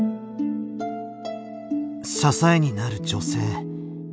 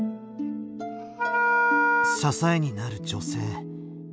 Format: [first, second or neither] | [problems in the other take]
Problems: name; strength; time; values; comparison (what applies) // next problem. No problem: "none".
first | background sound (Wind instrument, woodwind instrument); 4 dB above the speech